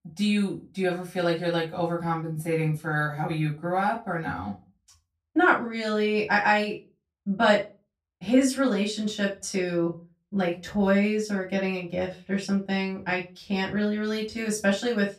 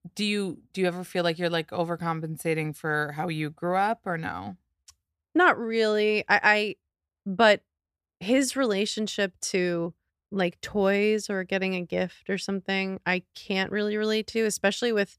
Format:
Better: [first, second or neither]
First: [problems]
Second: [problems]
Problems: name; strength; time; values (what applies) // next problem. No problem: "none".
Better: second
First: off-mic speech; far // room echo; slight; dies away in 0.2 s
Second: none